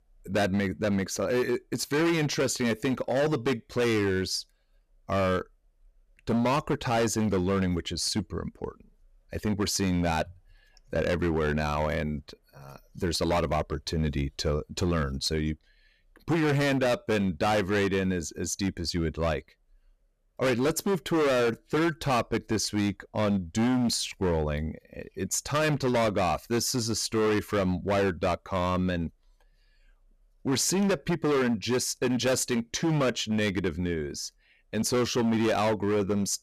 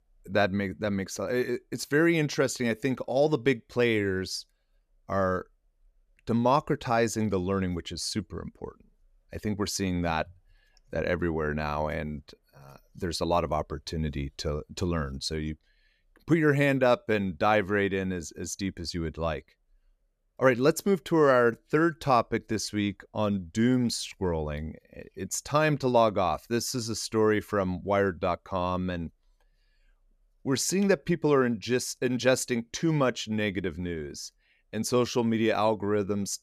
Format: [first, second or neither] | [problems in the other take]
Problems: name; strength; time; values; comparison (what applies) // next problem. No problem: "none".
second | distortion; heavy; 14% of the sound clipped